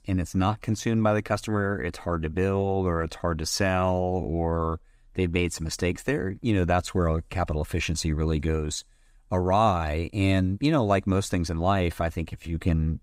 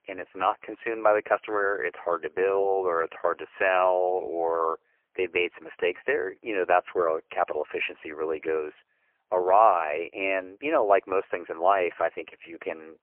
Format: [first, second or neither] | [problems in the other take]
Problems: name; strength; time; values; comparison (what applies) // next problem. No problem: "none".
first | phone-call audio; poor line; nothing above 3 kHz